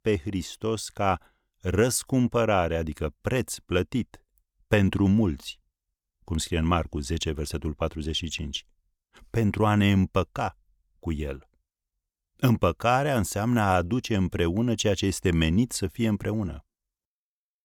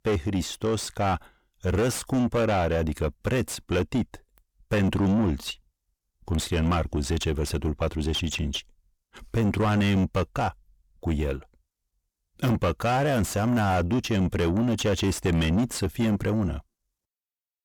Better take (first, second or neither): first